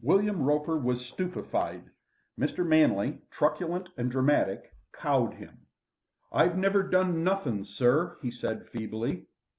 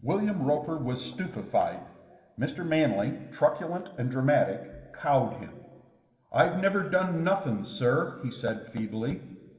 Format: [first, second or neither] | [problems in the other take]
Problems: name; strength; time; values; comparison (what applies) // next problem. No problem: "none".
first | room echo; dies away in 1.5 s